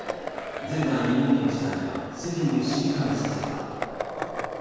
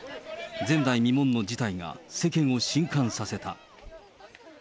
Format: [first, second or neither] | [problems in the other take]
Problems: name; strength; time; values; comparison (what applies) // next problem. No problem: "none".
second | background sound (Skateboard); 8 dB below the speech // room echo; dies away in 2.2 s